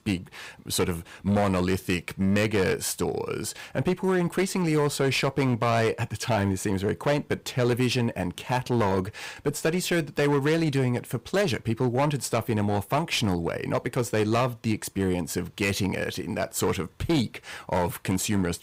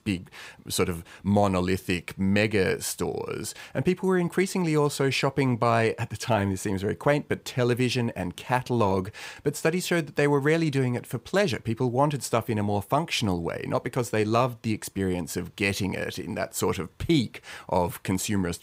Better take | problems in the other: second | distortion; slight; 10% of the sound clipped

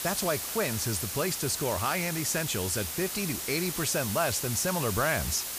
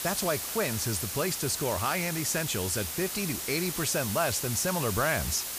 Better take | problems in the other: neither | hiss; loud; throughout; 3 dB below the speech; the same in both

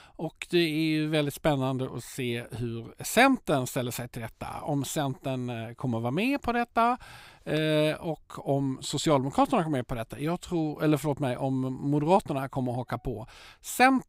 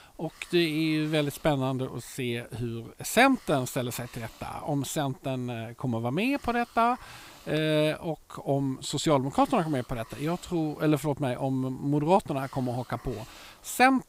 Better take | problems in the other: first | hiss; faint; throughout; 25 dB below the speech

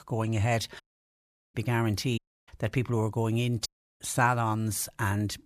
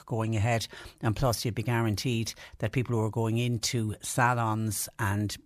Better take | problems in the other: second | audio cutting out; at 1 s for 0.5 s, at 2 s and at 3.5 s

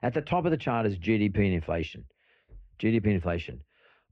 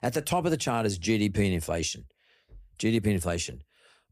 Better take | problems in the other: second | muffled; very; fading above 2.5 kHz

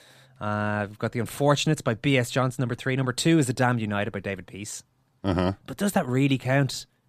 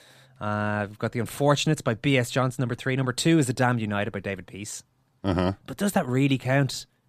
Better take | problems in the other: neither | none

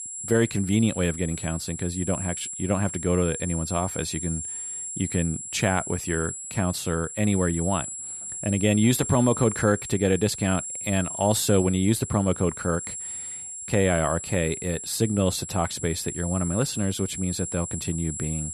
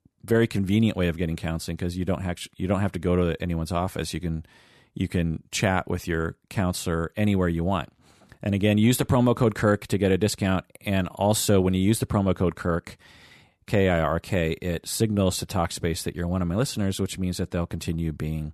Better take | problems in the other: second | high-pitched whine; loud; throughout; 7.5 kHz, 7 dB below the speech

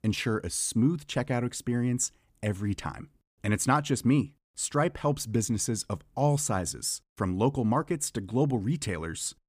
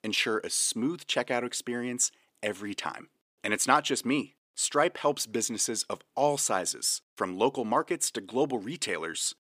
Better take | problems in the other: first | thin; somewhat; fading below 400 Hz

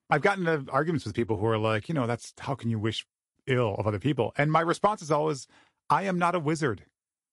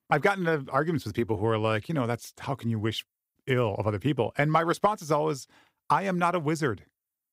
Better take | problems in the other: second | garbled, watery; slightly; nothing above 11 kHz

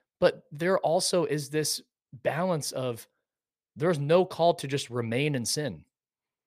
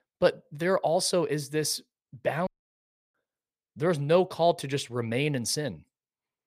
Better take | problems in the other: first | audio cutting out; at 2.5 s for 0.5 s

